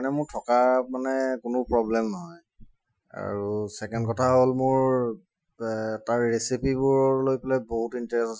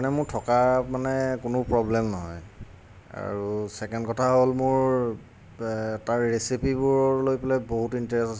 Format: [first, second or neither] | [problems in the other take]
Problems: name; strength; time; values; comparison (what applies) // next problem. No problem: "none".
second | noise reduction (classical method Wiener filter)